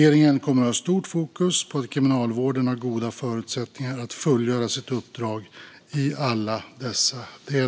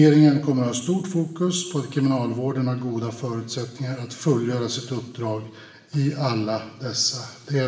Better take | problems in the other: first | room echo; dies away in 0.9 s

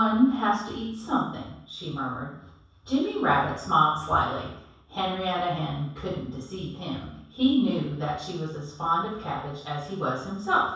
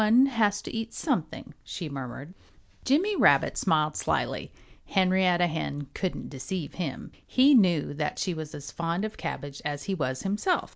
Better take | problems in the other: second | room echo; dies away in 0.7 s

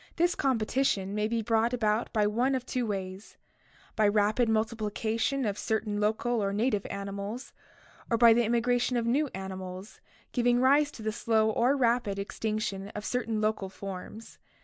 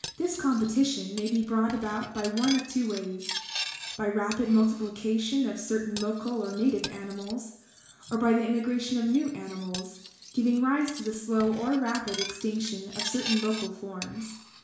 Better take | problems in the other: first | background sound (Cutlery, silverware); 12 dB below the speech // room echo; dies away in 0.7 s

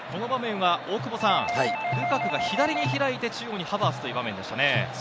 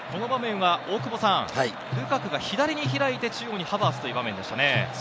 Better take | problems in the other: second | background sound (Doorbell); 4 dB below the speech

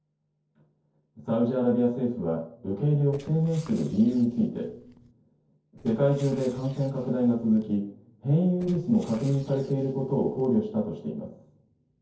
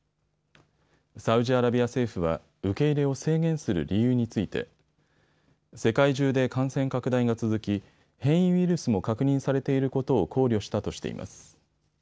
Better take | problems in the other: second | noise reduction (neural separator model SepFormer DNS4)

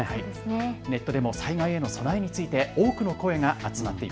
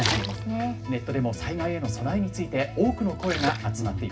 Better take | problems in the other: first | background sound (Splash, splatter); 9 dB below the speech // room echo; dies away in 0.4 s

